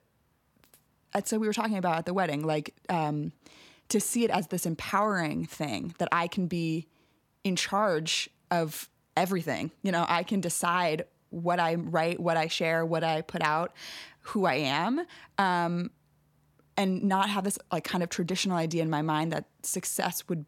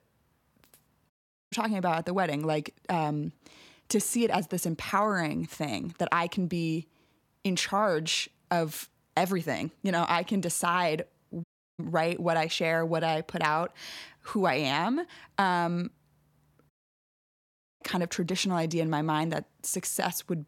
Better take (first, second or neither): first